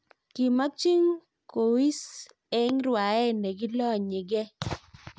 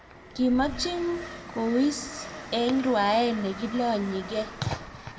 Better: first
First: none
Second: background sound (Train); 13 dB below the speech // room echo; dies away in 1.2 s

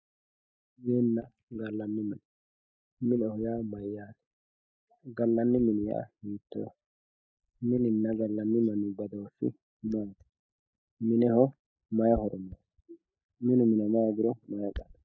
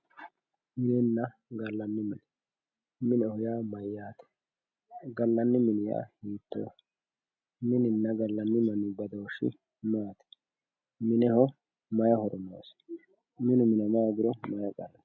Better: second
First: noise reduction (neural mask model DeepFilterNet 3)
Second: none

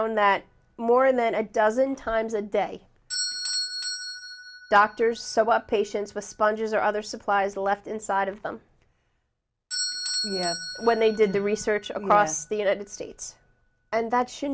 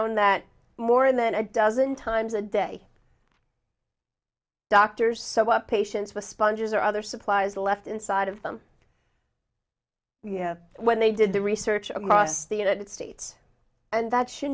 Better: second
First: background sound (Bell / Doorbell); 12 dB below the speech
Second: none

